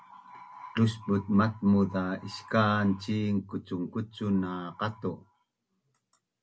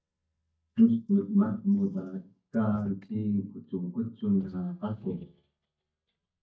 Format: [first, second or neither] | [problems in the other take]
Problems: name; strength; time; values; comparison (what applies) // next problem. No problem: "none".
first | noise reduction (neural mask model DeepFilterNet 3)